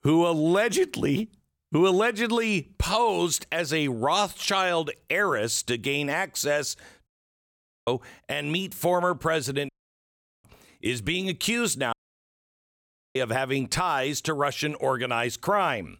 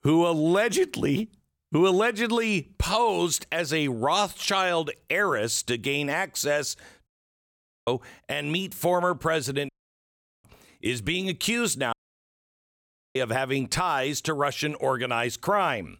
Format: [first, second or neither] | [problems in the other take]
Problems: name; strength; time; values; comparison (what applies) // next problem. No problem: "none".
neither | audio cutting out; at 7 s for 1 s, at 9.5 s for 1 s and at 12 s for 1 s; the same in both